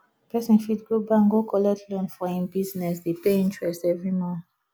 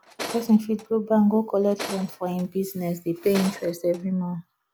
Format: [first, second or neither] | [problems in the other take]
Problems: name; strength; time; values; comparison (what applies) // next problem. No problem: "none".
first | background sound (Tools); 15 dB below the speech